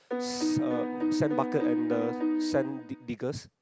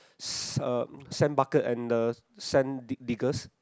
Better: second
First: background sound (Piano); 4 dB above the speech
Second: none

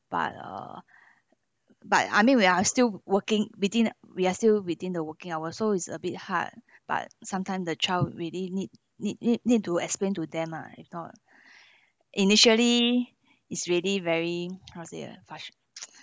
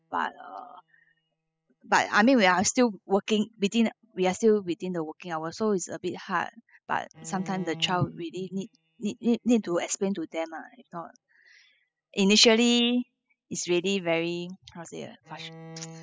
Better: first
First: none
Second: noise reduction (classical method spectral subtraction)

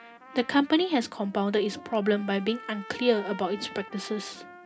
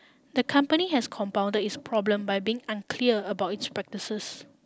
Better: second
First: background sound (Trumpet); 18 dB below the speech // room echo; dies away in 0.3 s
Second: none

